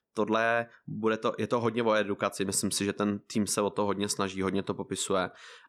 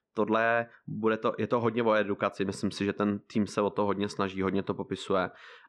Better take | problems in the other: first | muffled; slightly; fading above 3 kHz

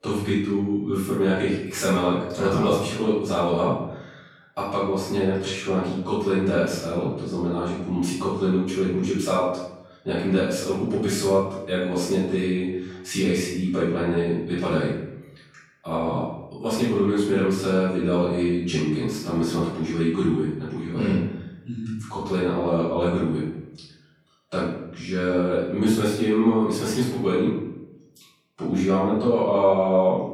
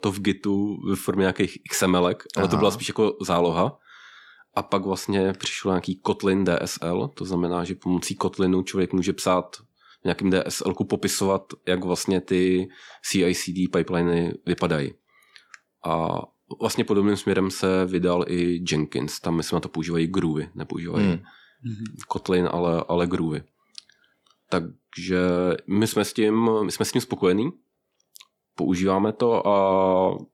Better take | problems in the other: second | off-mic speech; far // room echo; noticeable; dies away in 0.8 s

